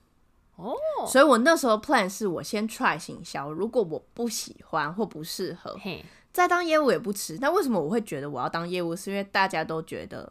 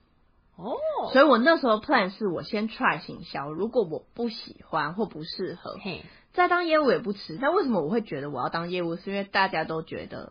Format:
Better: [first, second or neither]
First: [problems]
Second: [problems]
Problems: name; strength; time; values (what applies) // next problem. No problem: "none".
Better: first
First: none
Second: garbled, watery; badly